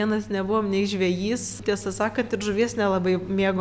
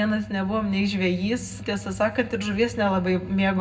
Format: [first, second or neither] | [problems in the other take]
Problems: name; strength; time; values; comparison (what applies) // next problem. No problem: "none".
first | room echo; dies away in 0.3 s